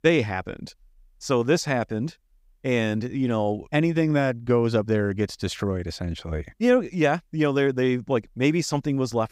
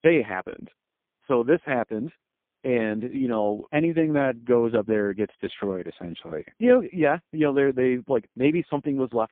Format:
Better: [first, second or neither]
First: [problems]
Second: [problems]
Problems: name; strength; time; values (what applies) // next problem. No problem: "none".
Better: first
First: none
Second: phone-call audio; poor line